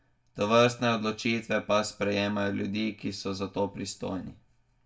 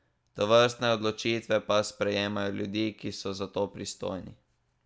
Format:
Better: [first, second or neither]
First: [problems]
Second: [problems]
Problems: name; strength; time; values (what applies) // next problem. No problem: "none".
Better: second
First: room echo; dies away in 0.2 s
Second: none